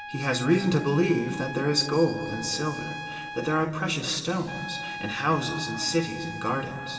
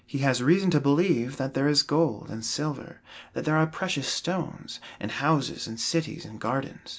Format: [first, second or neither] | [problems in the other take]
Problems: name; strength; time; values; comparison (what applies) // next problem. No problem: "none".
second | background sound (Trumpet); 11 dB below the speech // room echo; dies away in 2.5 s